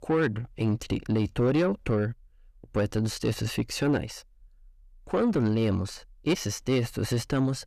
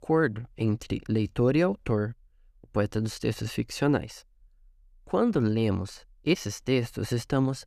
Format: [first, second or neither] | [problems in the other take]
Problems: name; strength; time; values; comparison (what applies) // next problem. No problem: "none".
second | distortion; slight; 10 dB below the speech